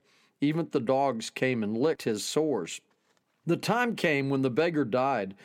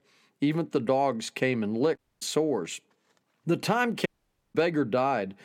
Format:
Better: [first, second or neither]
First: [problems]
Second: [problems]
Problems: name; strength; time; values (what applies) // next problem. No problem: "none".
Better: first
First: none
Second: audio cutting out; at 2 s and at 4 s